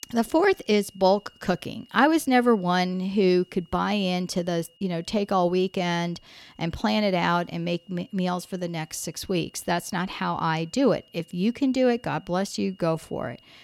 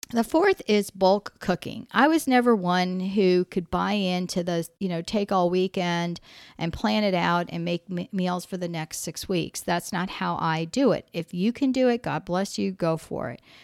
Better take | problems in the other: second | high-pitched whine; faint; throughout; 3 kHz, 30 dB below the speech

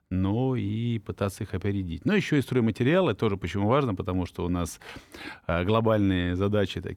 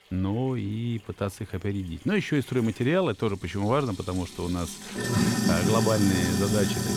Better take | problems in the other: first | household noises; very loud; throughout; 1 dB above the speech

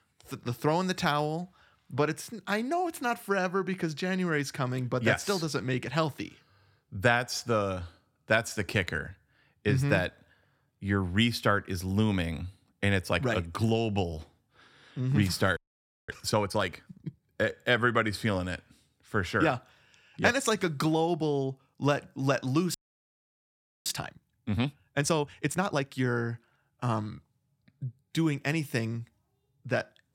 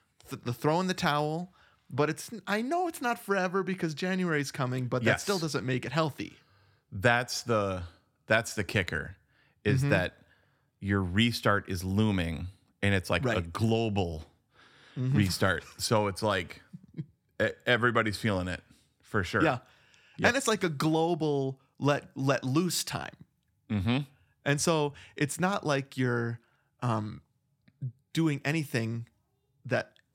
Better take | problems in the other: second | audio freezing; at 16 s for 0.5 s and at 23 s for 1 s

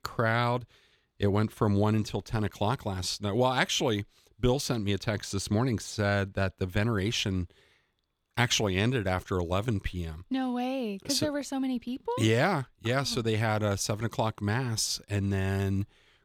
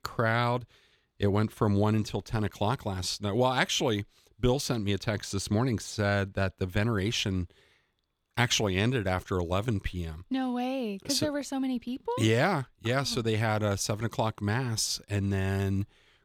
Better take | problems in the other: neither | none

